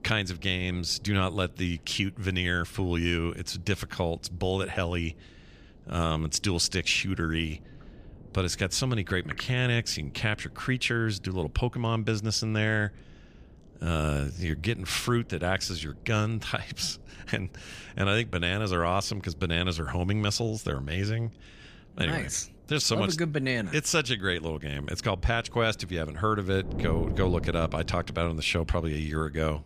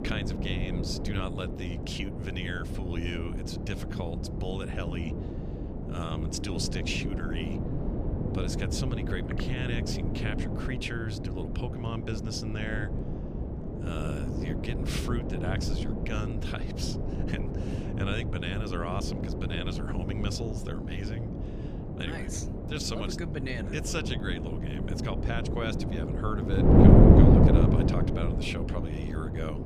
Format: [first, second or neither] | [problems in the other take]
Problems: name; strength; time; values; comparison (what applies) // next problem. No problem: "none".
first | wind noise on the microphone; heavy; 2 dB above the speech; occasional gusts in the first